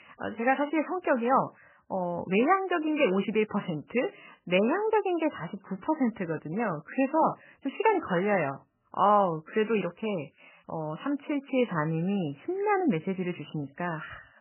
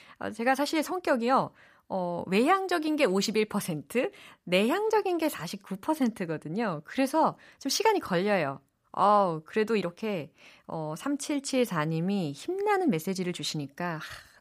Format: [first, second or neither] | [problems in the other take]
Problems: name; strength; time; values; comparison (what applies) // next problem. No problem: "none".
second | garbled, watery; badly; nothing above 3 kHz